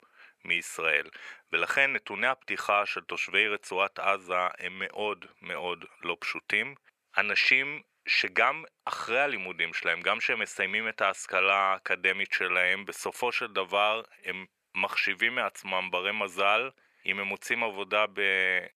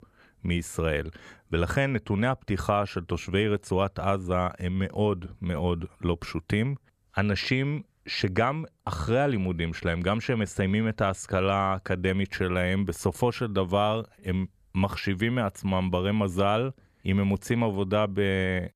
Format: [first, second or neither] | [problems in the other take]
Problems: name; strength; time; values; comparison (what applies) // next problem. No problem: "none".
second | thin; very; fading below 550 Hz